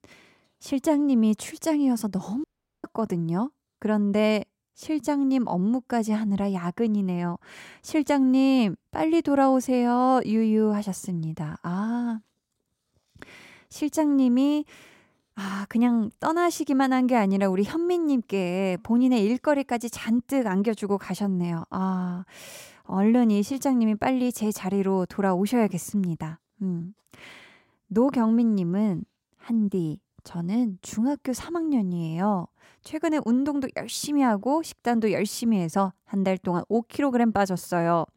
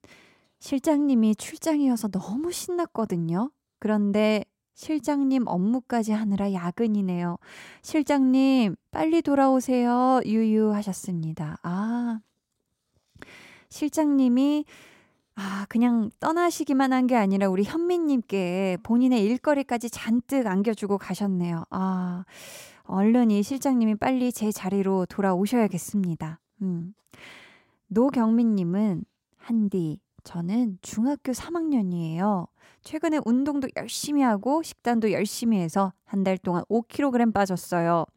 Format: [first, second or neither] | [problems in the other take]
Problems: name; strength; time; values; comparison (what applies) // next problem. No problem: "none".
second | audio cutting out; at 2.5 s